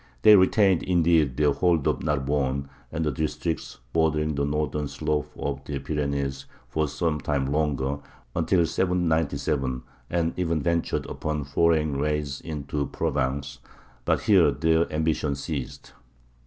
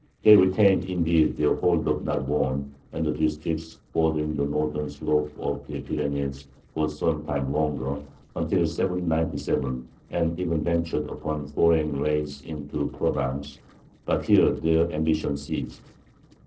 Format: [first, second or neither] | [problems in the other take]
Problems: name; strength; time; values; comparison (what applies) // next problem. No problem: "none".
first | noise reduction (neural separator model SepFormer DNS4)